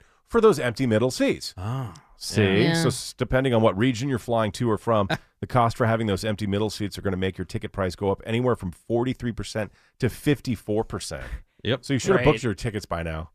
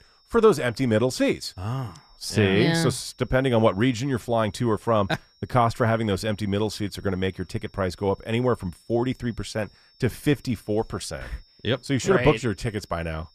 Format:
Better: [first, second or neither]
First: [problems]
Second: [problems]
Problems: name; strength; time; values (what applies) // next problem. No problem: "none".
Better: first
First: none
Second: high-pitched whine; faint; throughout; 5.5 kHz, 30 dB below the speech